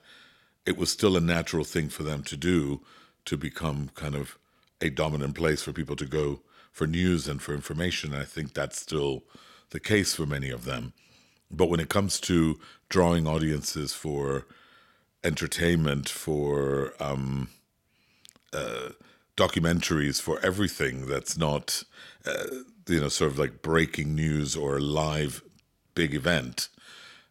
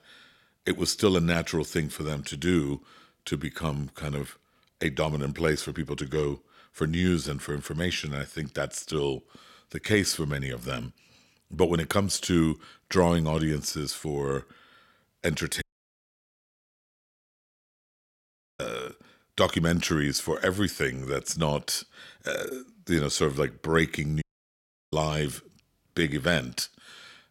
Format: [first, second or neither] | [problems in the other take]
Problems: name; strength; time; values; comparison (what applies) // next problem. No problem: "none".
first | audio cutting out; at 16 s for 3 s and at 24 s for 0.5 s